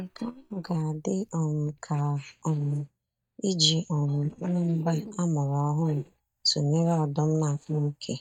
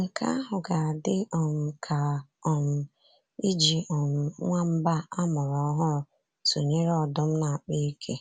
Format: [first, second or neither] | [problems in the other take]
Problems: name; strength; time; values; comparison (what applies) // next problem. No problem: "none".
second | noise reduction (neural mask model DeepFilterNet 3)